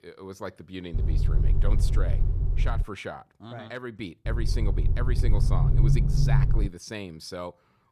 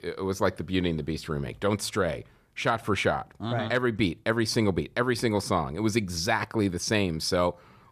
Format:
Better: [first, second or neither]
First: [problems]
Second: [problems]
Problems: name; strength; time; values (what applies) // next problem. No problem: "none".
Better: second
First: low rumble; loud; from 1 to 3 s and from 4.5 to 6.5 s; 2 dB below the speech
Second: none